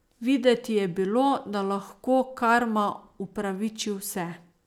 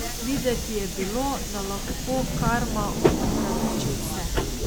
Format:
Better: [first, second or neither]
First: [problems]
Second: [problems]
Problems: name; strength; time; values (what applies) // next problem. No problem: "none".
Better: first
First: none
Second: background sound (Subway, metro, underground); 4 dB above the speech